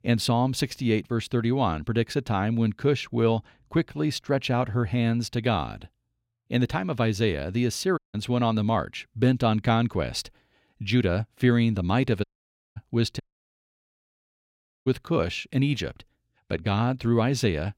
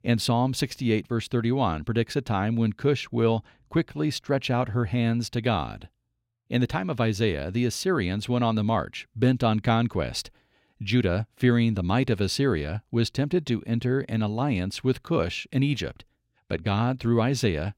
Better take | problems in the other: second | audio cutting out; at 8 s, at 12 s for 0.5 s and at 13 s for 1.5 s

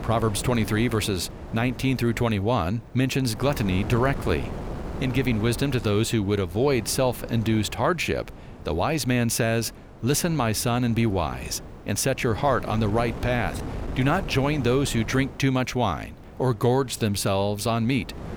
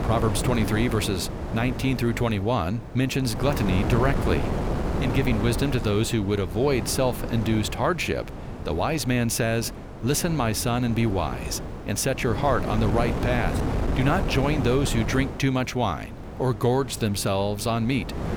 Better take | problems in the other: first | wind noise on the microphone; heavy; 8 dB below the speech; occasional gusts in the first

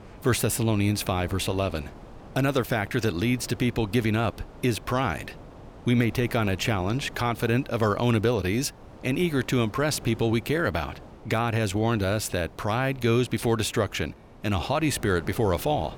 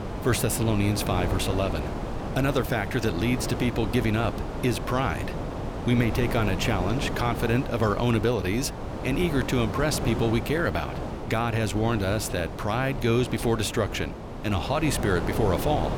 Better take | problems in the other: first | wind noise on the microphone; heavy; 7 dB below the speech; occasional gusts in the first

